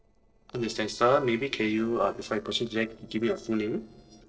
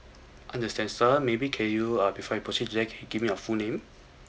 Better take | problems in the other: second | noise reduction (neural separator model SepFormer DNS4)

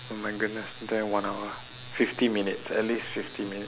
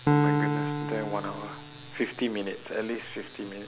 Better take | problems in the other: first | background sound (Piano); 4 dB above the speech

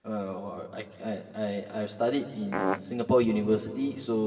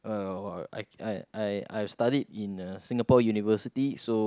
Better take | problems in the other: second | background sound (Fart); 1 dB above the speech // room echo; dies away in 2.5 s

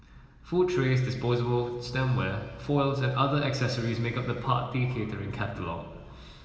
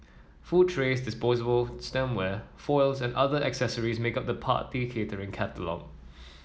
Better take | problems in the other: second | room echo; dies away in 2.9 s

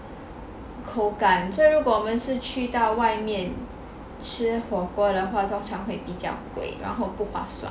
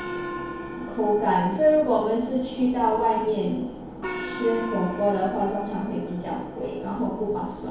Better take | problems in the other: first | background sound (Gong); 13 dB below the speech // room echo; dies away in 2.2 s

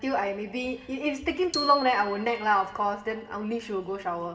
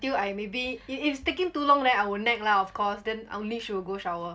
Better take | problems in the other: second | background sound (Glockenspiel); 14 dB below the speech // room echo; dies away in 1.8 s

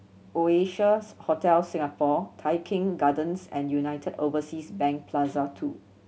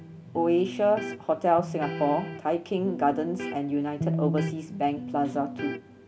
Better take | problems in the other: first | background sound (Electric guitar); 7 dB below the speech

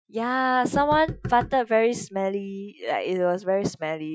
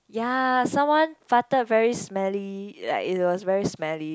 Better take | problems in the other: second | noise reduction (classical method Wiener filter)

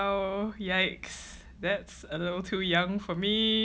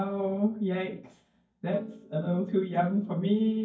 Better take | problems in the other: first | noise reduction (neural mask model DeepFilterNet 3)

